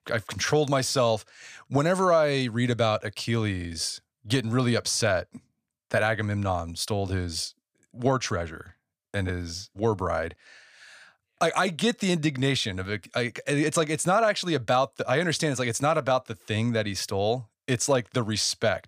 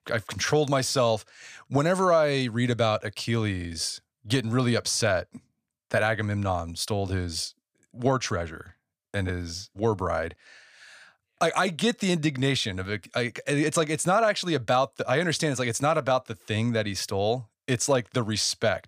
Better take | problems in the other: neither | none

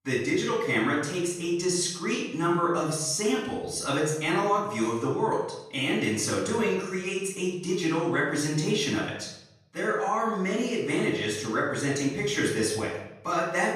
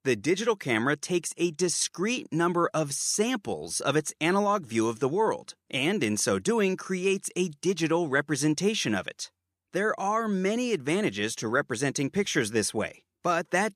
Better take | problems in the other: second | off-mic speech; far // room echo; noticeable; dies away in 0.7 s

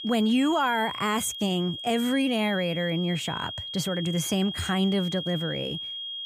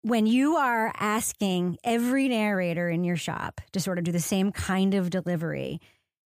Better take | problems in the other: second | high-pitched whine; loud; throughout; 3.5 kHz, 7 dB below the speech

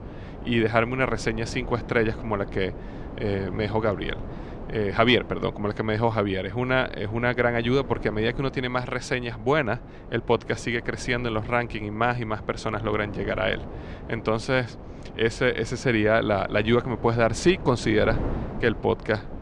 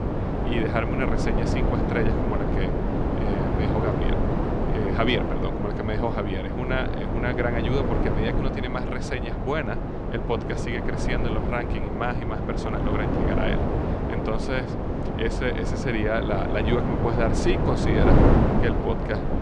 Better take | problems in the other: first | wind noise on the microphone; heavy; as loud as the speech; occasional gusts in the first

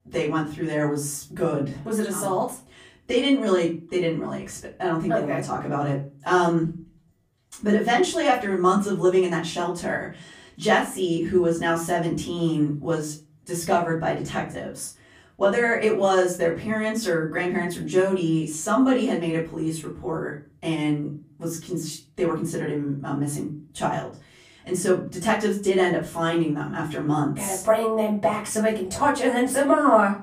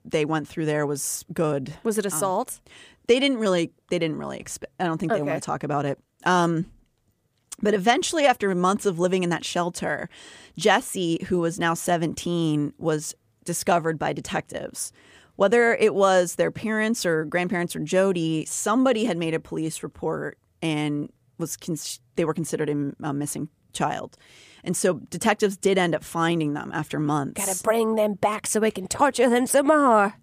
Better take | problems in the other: second | off-mic speech; far // room echo; slight; dies away in 0.4 s

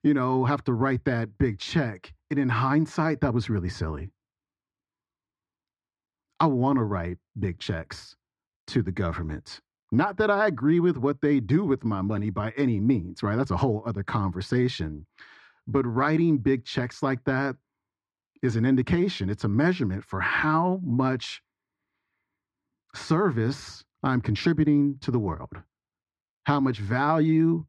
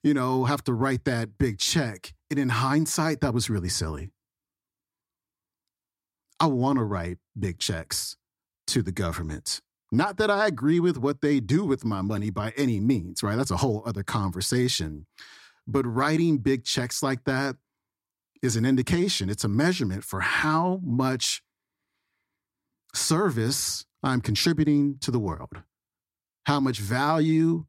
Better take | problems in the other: second | muffled; slightly; fading above 2.5 kHz

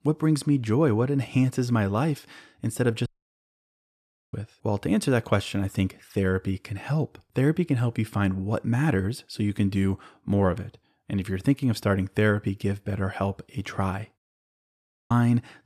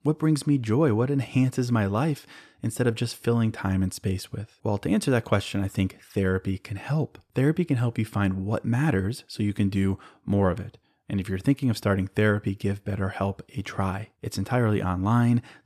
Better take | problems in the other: second | audio cutting out; at 3 s for 1.5 s and at 14 s for 1 s

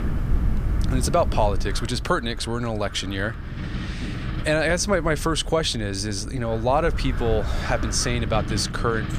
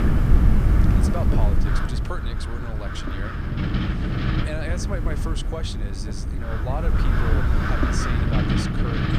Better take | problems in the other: first | wind noise on the microphone; heavy; 3 dB above the speech; occasional gusts in the first

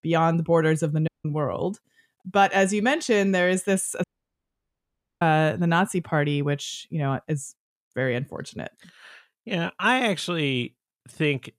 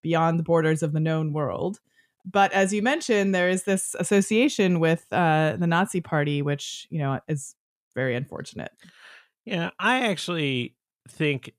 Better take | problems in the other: second | audio cutting out; at 1 s and at 4 s for 1 s

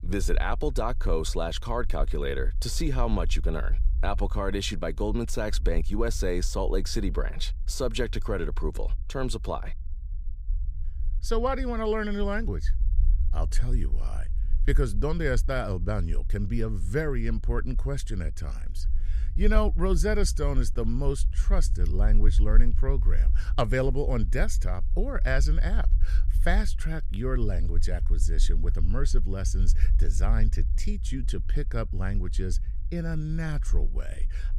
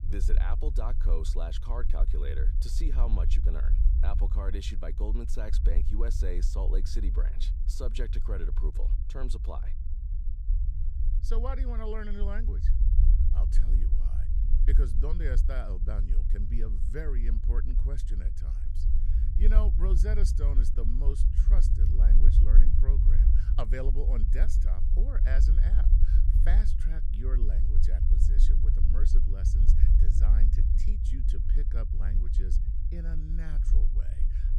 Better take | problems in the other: first | low rumble; loud; throughout; 6 dB below the speech; faint in the first

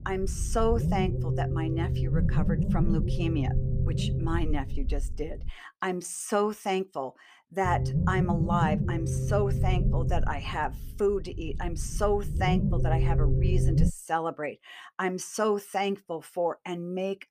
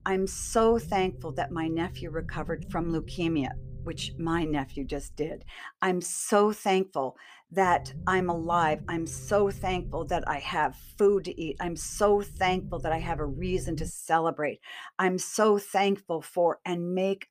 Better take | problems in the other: second | low rumble; loud; until 5.5 s and from 7.5 to 14 s; 7 dB below the speech; faint in the second

